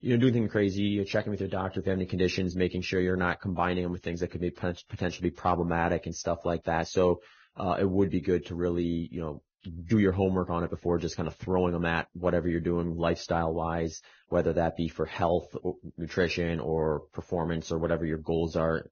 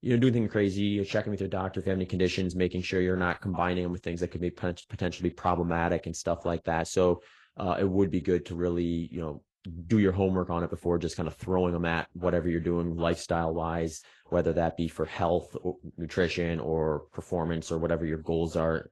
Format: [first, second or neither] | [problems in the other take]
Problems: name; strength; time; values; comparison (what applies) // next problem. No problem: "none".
second | garbled, watery; badly; nothing above 6.5 kHz; slightly in the second